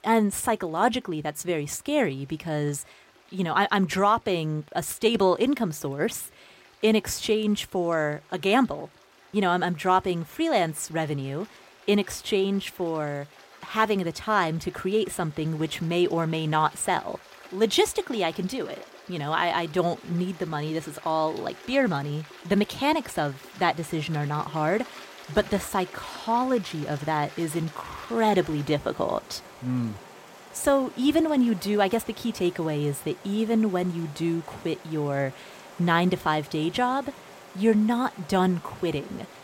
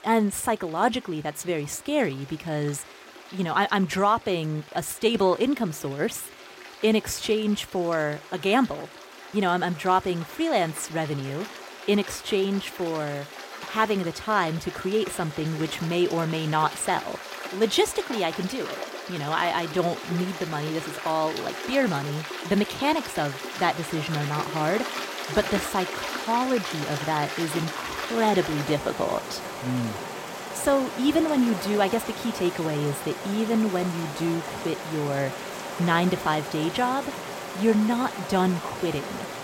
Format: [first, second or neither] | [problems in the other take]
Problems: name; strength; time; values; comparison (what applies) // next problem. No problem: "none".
first | rain or running water; loud; throughout; 9 dB below the speech; faint in the first